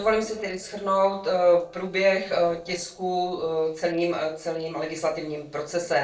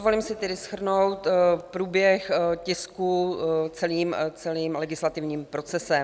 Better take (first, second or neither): second